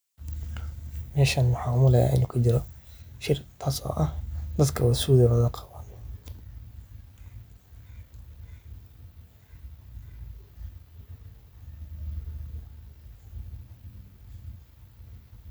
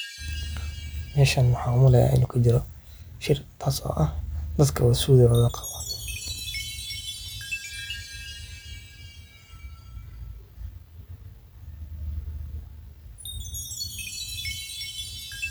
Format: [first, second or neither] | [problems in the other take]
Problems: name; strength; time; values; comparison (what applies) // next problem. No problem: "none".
first | background sound (Chime); 14 dB below the speech